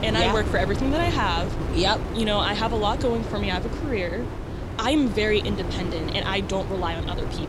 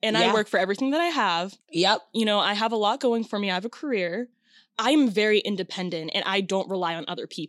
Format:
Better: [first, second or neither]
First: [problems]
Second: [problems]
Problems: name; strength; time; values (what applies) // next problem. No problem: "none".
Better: second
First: wind noise on the microphone; heavy; 9 dB below the speech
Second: none